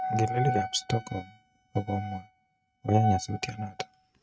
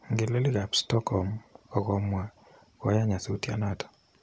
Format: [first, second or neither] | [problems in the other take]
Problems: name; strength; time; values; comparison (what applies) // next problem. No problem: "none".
second | noise reduction (neural mask model RNNoise)